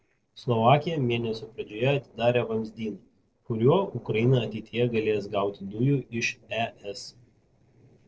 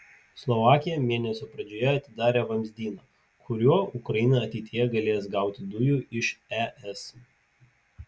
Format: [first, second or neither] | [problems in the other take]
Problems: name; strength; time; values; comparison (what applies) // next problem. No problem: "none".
second | noise reduction (neural separator model SepFormer DNS4)